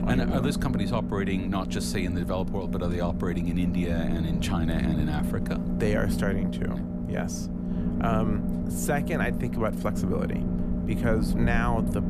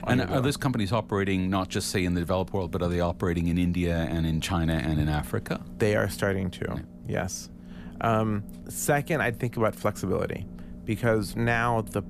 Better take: second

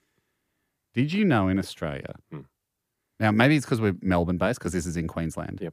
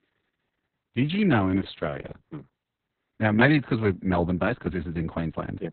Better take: first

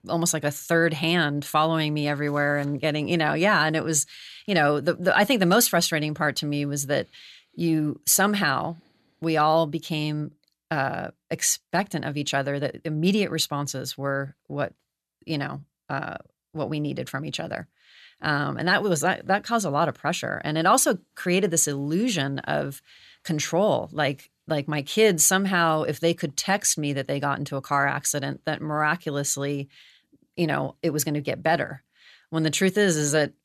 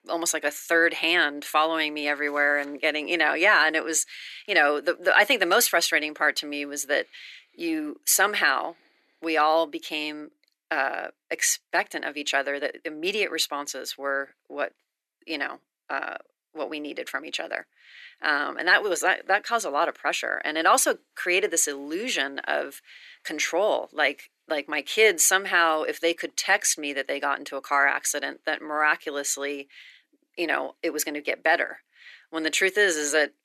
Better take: first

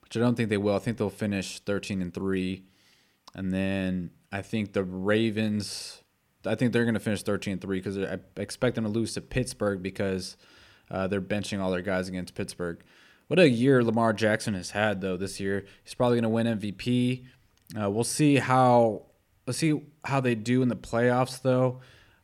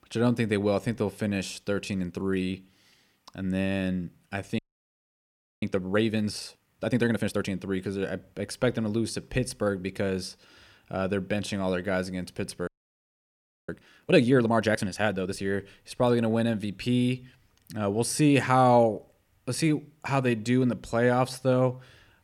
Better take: first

